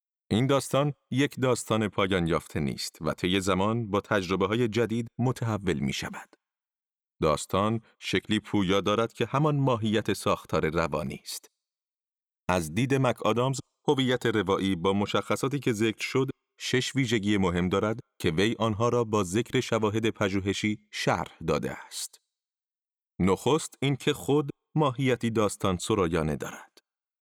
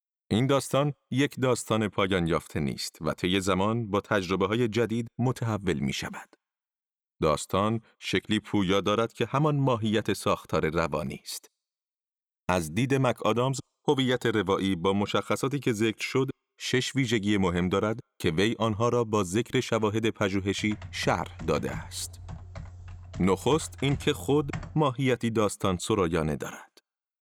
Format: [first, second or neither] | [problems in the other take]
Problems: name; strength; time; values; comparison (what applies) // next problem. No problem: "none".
first | keyboard typing; faint; from 21 to 25 s; peak 10 dB below the speech